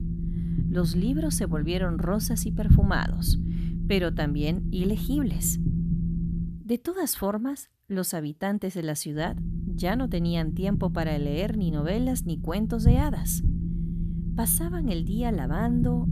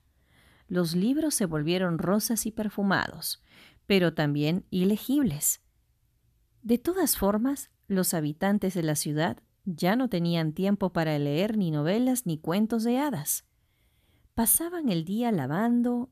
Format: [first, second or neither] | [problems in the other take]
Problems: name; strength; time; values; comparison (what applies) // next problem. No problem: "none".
second | low rumble; loud; until 6.5 s and from 9.5 s on; 7 dB below the speech